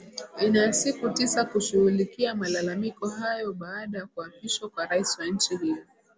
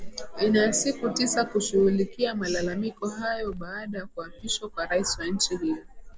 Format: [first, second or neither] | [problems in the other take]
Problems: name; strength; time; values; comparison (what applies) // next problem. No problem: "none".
first | background sound (Cricket); 13 dB below the speech